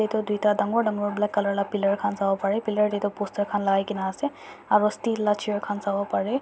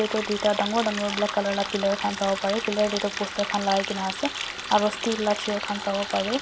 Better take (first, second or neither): first